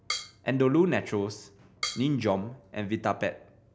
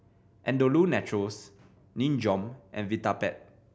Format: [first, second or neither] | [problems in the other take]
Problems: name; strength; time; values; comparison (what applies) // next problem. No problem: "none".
second | background sound (Drum kit); 13 dB below the speech